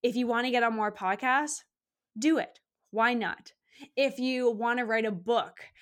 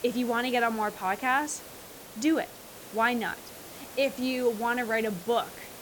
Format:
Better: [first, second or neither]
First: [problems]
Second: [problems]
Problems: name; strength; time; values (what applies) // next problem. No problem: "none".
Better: first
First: none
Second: hiss; noticeable; throughout; 15 dB below the speech